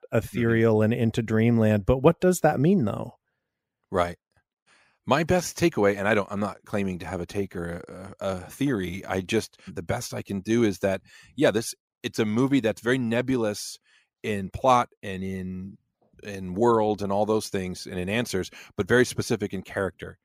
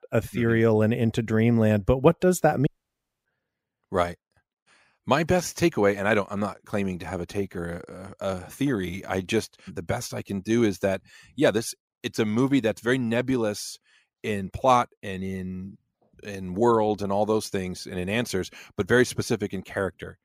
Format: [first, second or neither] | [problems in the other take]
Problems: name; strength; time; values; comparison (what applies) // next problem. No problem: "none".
first | audio cutting out; at 2.5 s for 0.5 s